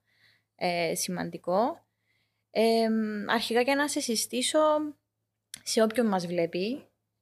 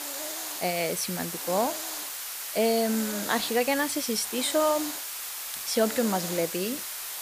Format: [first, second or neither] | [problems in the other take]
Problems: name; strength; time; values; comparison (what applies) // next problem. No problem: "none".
first | hiss; loud; throughout; 5 dB below the speech